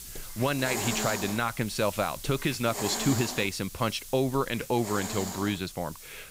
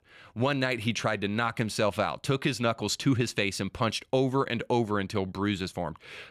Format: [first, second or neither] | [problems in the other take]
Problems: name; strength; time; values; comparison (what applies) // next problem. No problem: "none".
second | hiss; loud; throughout; 7 dB below the speech